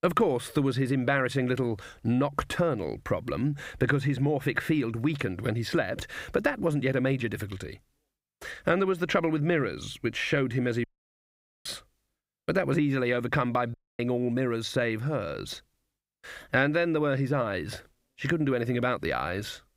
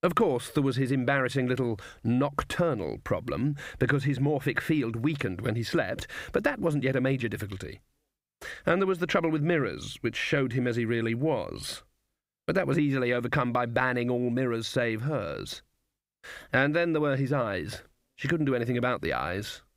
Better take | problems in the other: second | audio cutting out; at 11 s for 1 s and at 14 s

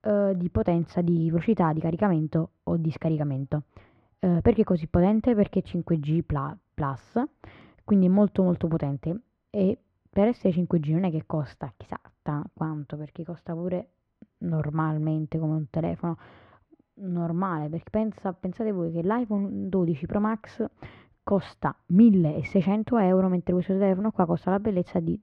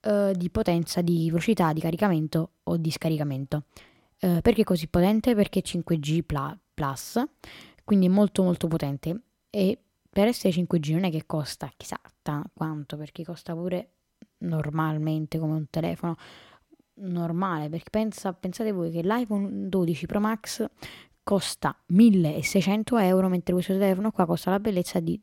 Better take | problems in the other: second | muffled; very; fading above 1.5 kHz

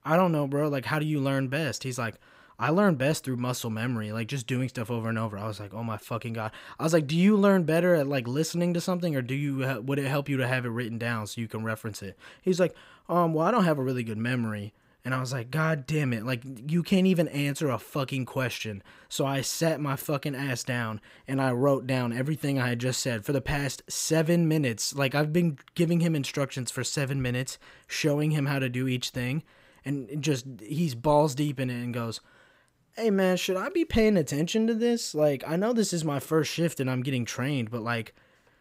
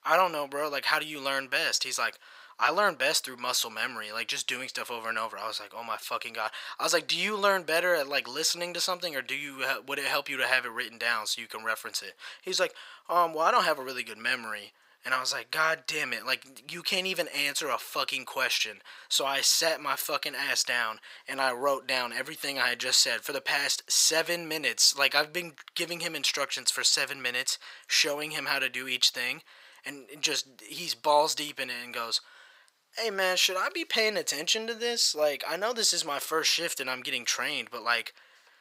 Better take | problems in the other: first | thin; very; fading below 850 Hz

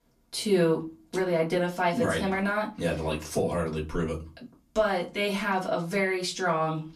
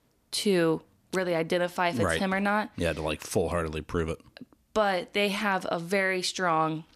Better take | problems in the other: second | off-mic speech; far // room echo; very slight; dies away in 0.2 s

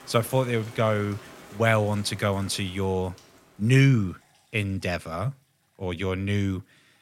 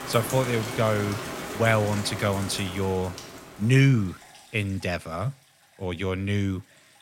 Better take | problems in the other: first | rain or running water; loud; throughout; 9 dB below the speech; faint in the first

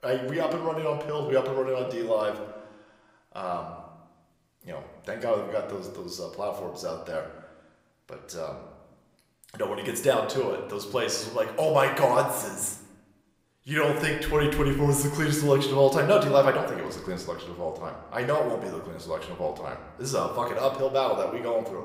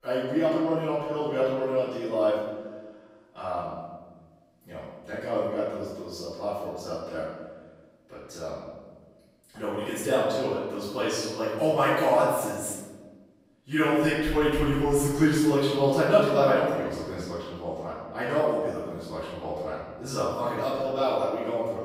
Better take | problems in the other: first | room echo; strong; dies away in 1.4 s; slight in the first // off-mic speech; far

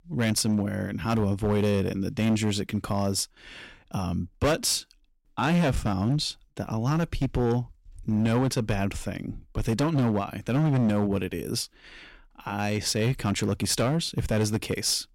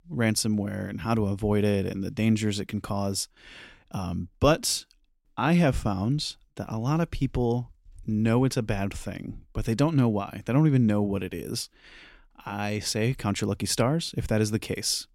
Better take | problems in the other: second | distortion; slight; 9% of the sound clipped

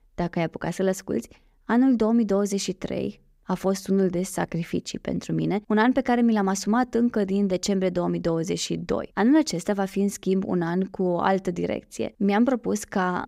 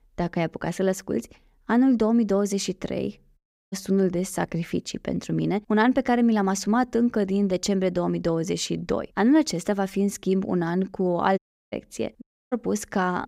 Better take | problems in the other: first | audio cutting out; at 3.5 s, at 11 s and at 12 s

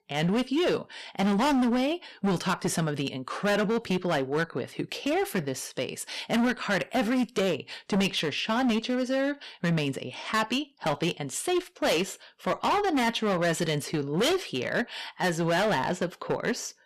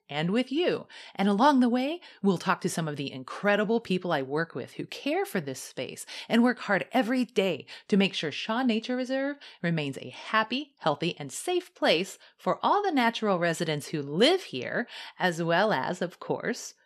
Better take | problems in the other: second | distortion; heavy; 14% of the sound clipped

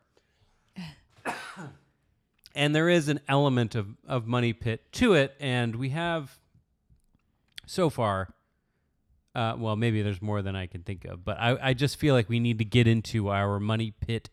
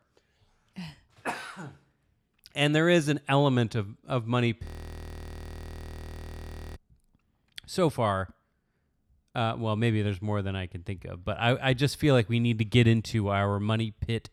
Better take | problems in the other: first | audio freezing; at 4.5 s for 2 s

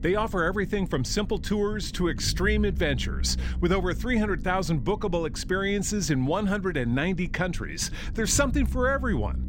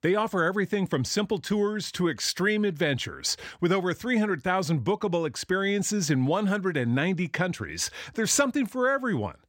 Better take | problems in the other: second | low rumble; noticeable; throughout; 20 dB below the speech

